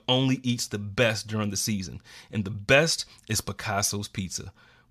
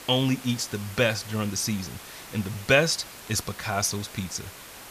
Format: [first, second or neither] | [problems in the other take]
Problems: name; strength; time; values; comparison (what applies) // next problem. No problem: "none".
first | hiss; noticeable; throughout; 15 dB below the speech